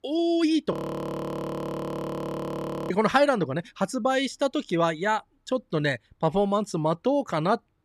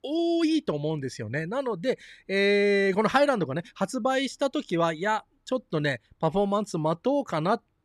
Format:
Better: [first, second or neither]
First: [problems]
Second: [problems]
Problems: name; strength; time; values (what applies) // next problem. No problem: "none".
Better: second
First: audio freezing; at 0.5 s for 2 s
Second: none